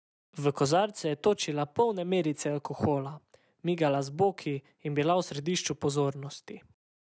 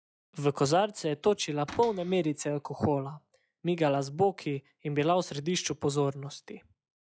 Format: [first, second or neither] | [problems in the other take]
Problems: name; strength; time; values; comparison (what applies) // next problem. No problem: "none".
first | noise reduction (classical method log-MMSE)